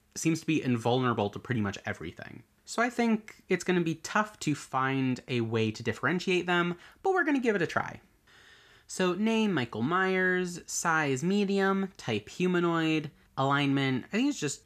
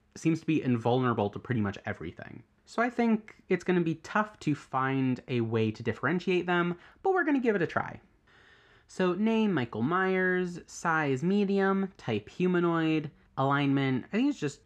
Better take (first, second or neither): first